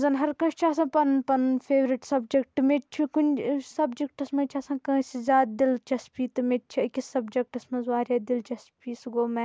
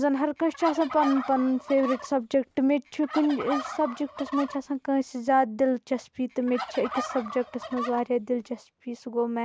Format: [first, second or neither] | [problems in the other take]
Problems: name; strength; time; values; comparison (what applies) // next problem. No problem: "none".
first | background sound (Fowl); 11 dB below the speech